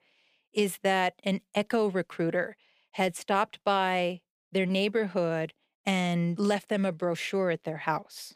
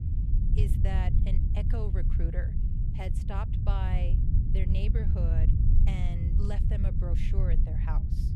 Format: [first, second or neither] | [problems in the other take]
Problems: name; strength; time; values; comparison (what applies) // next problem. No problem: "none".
first | low rumble; loud; throughout; 1 dB below the speech